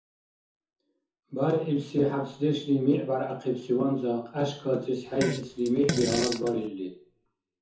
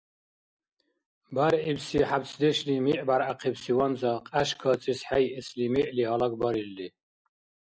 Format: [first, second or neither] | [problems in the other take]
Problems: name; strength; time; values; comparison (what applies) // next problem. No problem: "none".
second | background sound (Fart); 5 dB below the speech // room echo; dies away in 0.7 s